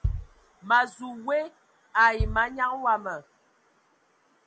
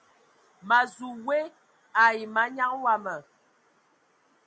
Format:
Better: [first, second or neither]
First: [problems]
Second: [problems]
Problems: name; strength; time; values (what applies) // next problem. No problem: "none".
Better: second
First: background sound (Bass drum); 8 dB below the speech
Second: none